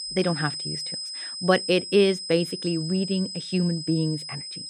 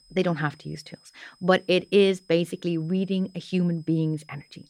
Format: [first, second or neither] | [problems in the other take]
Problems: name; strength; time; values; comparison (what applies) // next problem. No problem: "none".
second | high-pitched whine; loud; throughout; 5 kHz, 7 dB below the speech; faint in the second